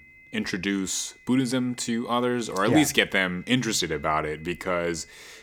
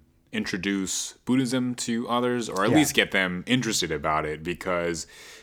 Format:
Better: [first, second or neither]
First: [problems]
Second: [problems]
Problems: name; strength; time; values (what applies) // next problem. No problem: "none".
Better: second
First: high-pitched whine; faint; throughout; 2 kHz, 25 dB below the speech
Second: none